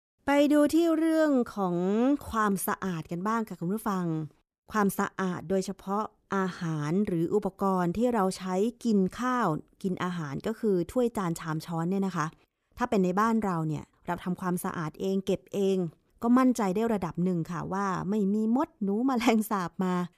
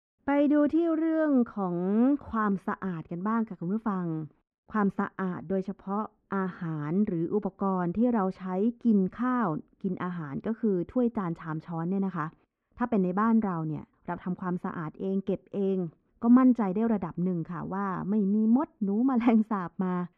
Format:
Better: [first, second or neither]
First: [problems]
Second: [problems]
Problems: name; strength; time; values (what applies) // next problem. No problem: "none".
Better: first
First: none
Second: muffled; very; fading above 1.5 kHz